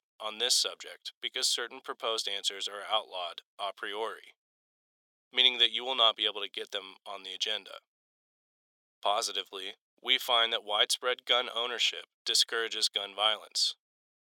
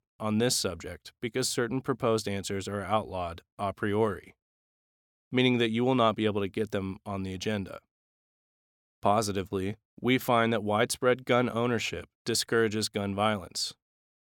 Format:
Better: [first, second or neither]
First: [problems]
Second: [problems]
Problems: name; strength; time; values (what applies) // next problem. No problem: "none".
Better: second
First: thin; very; fading below 550 Hz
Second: none